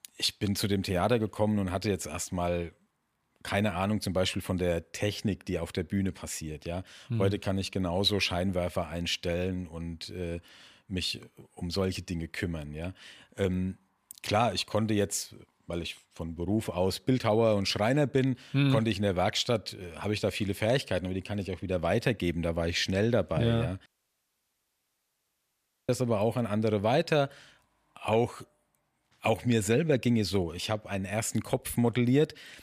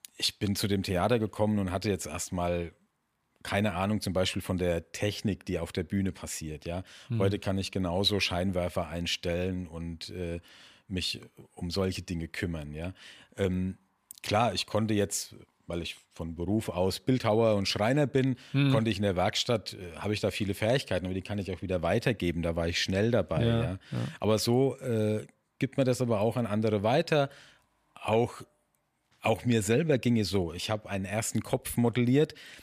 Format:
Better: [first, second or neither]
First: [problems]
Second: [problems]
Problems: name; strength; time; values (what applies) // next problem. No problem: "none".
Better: second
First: audio cutting out; at 24 s for 2 s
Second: none